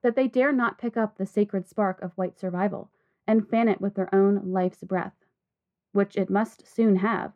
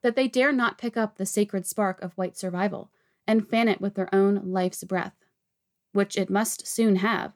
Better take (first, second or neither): second